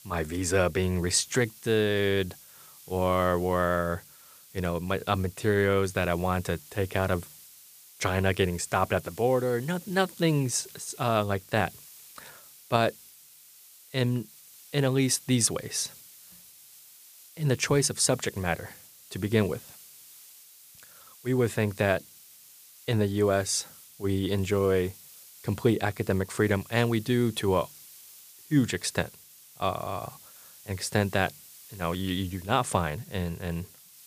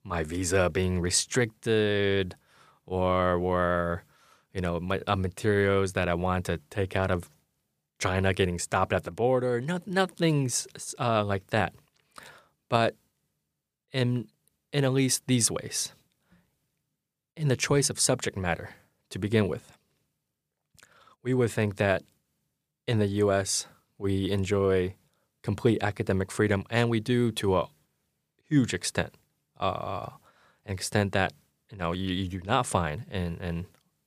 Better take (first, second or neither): second